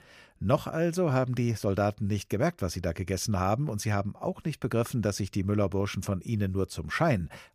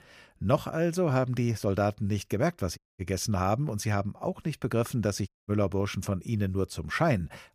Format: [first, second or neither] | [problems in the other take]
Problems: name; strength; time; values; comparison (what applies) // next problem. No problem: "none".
first | audio cutting out; at 3 s and at 5.5 s